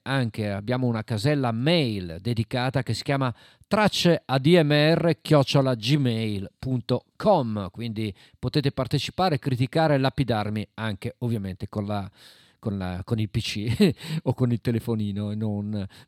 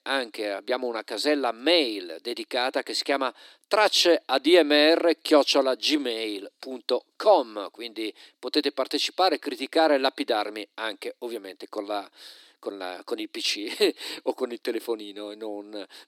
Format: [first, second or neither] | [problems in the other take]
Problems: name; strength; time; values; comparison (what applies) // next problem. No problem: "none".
first | thin; somewhat; fading below 300 Hz